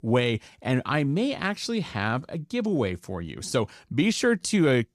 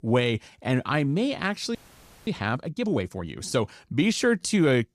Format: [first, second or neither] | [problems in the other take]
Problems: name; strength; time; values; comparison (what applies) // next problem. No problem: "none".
first | audio freezing; at 2 s for 0.5 s